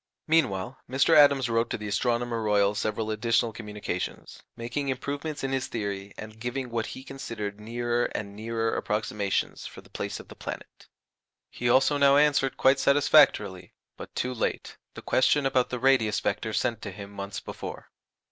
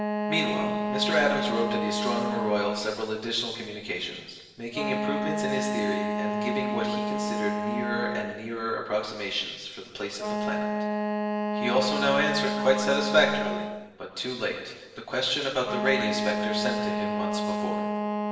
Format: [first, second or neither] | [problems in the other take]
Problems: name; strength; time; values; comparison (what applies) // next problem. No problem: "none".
first | background sound (Wind instrument, woodwind instrument); as loud as the speech // room echo; dies away in 1.2 s